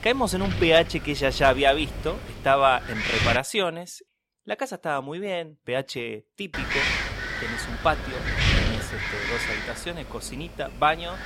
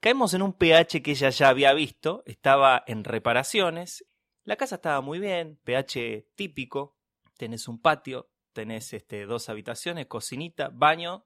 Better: second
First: wind noise on the microphone; heavy; until 3.5 s and from 6.5 s on; 3 dB below the speech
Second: none

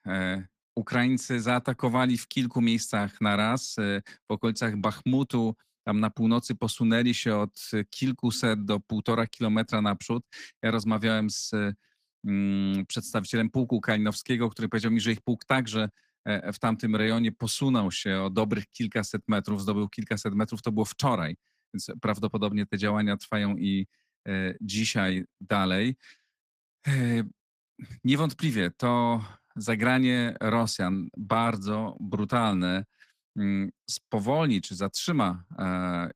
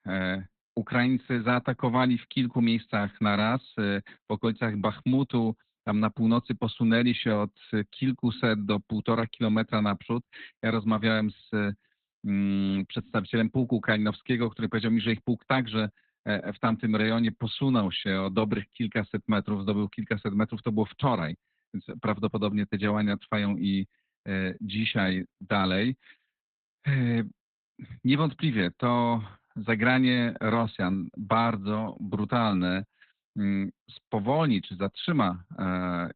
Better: first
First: garbled, watery; slightly; nothing above 15 kHz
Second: garbled, watery; badly; nothing above 4 kHz

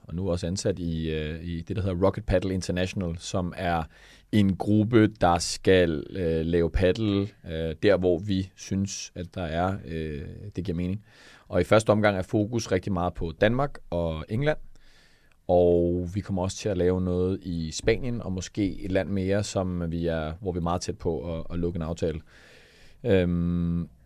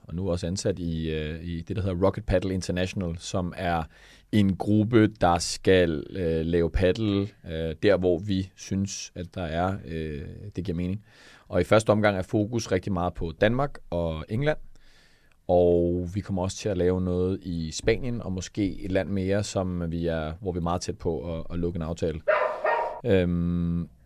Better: first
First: none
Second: dog barking; loud; at 22 s; peak 2 dB above the speech

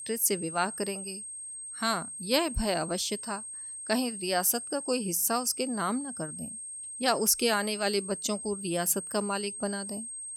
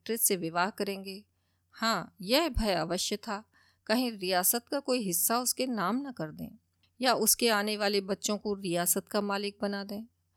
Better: second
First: high-pitched whine; loud; throughout; 8.5 kHz, 8 dB below the speech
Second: none

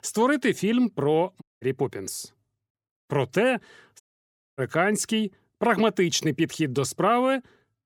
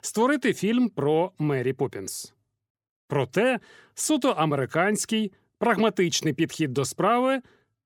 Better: second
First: audio cutting out; at 1.5 s and at 4 s for 0.5 s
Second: none

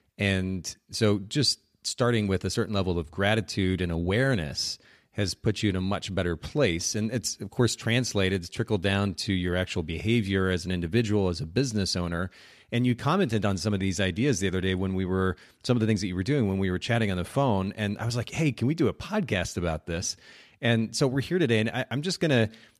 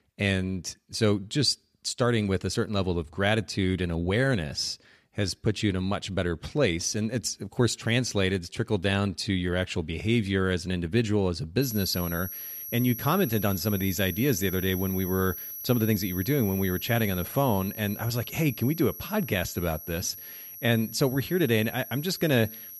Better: first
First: none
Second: high-pitched whine; loud; from 12 s on; 11.5 kHz, 9 dB below the speech

